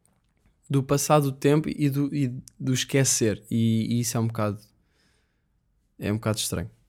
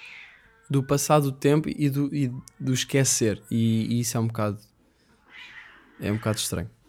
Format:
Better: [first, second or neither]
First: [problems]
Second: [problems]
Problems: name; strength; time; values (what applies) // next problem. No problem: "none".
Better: first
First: none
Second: hiss; faint; throughout; 20 dB below the speech